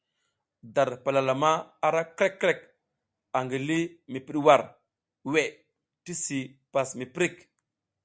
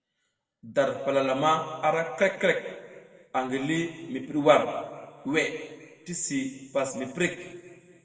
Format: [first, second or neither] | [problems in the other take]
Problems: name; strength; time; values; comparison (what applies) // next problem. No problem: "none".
first | room echo; dies away in 1.7 s